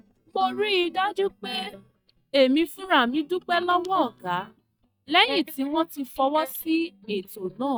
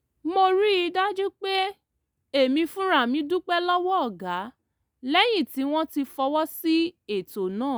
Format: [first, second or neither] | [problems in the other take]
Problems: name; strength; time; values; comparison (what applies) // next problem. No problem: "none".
second | noise reduction (neural mask model DeepFilterNet 3)